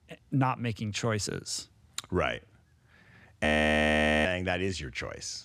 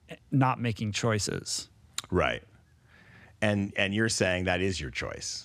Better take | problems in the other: second | audio freezing; at 3.5 s for 1 s

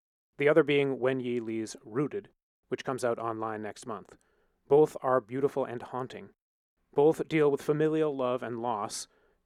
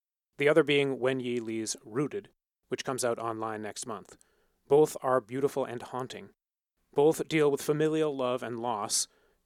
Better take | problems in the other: second | muffled; slightly; fading above 3 kHz

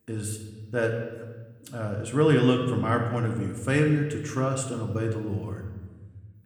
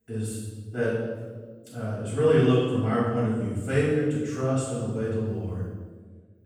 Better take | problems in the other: first | room echo; strong; dies away in 1.2 s; slight in the first // off-mic speech; far

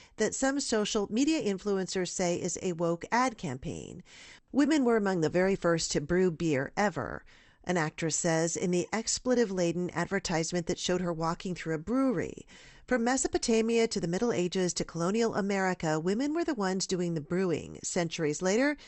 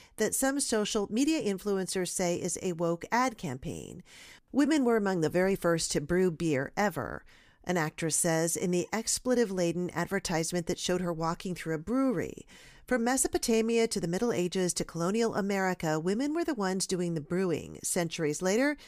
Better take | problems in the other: second | garbled, watery; slightly; nothing above 8 kHz

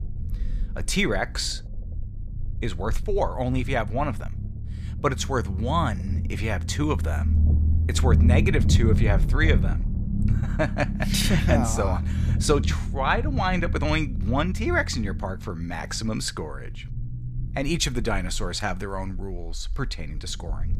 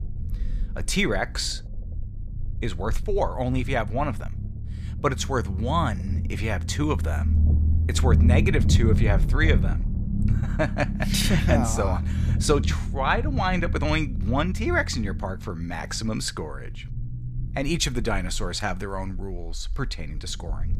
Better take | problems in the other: neither | low rumble; noticeable; throughout; 10 dB below the speech; the same in both

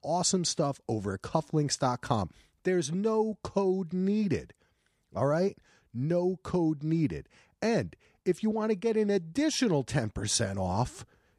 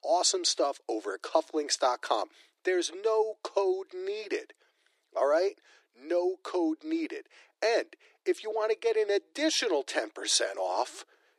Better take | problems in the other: first | thin; very; fading below 300 Hz

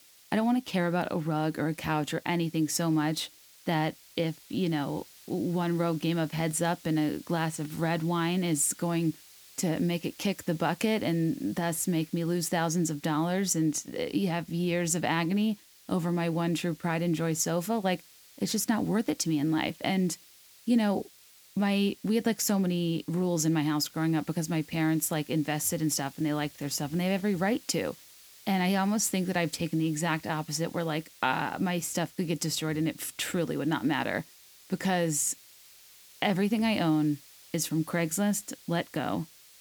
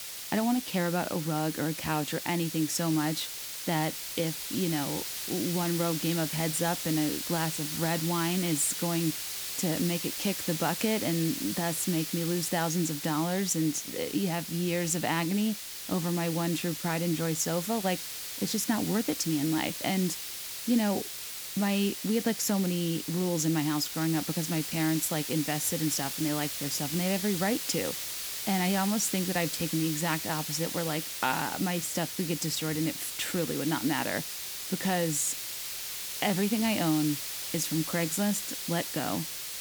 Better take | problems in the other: first | hiss; loud; throughout; 4 dB below the speech; faint in the first

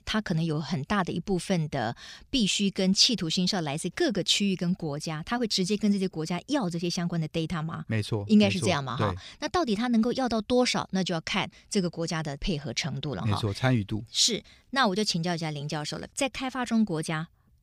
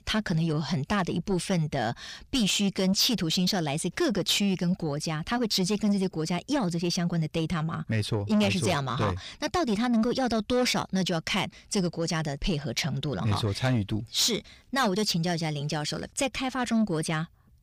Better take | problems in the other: first | distortion; slight; 10 dB below the speech

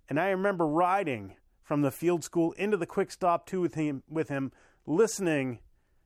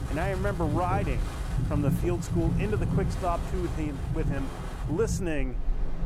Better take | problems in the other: first | wind in the background; very loud; throughout; 1 dB above the speech

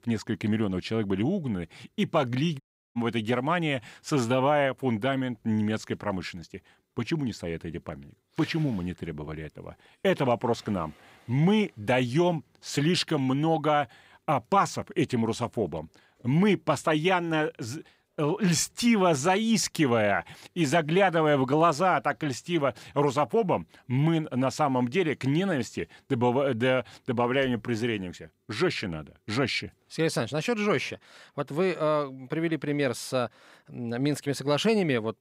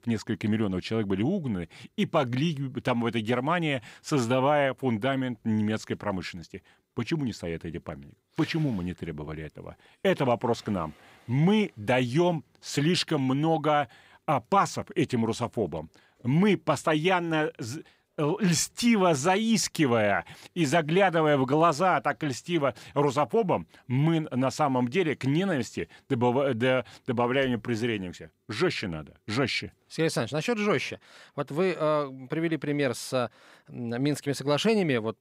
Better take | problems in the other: second | audio cutting out; at 2.5 s

